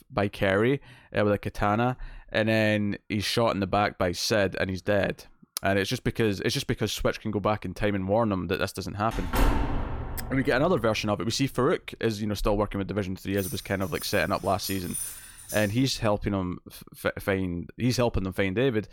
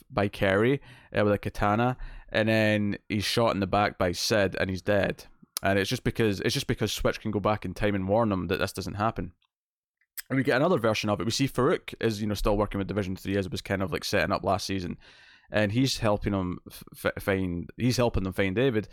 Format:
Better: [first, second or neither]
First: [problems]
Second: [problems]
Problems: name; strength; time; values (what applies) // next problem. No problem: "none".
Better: second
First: door banging; loud; from 9 to 11 s; peak 1 dB above the speech // jangling keys; noticeable; from 13 to 16 s; peak 6 dB below the speech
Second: none